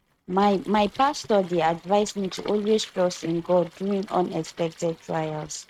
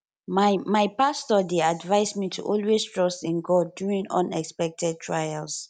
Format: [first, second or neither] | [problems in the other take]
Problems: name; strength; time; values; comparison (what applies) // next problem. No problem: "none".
second | noise reduction (neural mask model RNNoise)